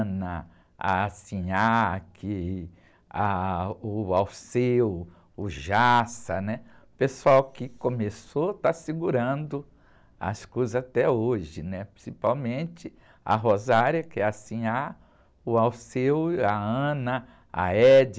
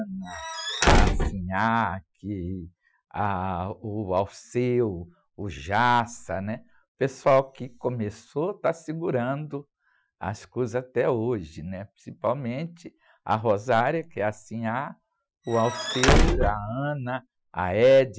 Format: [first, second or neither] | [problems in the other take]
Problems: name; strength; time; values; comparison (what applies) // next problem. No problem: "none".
first | noise reduction (classical method Wiener filter)